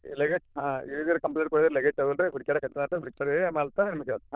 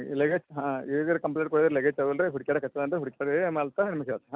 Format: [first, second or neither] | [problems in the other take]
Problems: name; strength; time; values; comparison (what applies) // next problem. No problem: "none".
second | noise reduction (neural diffusion model UNIVERSE++)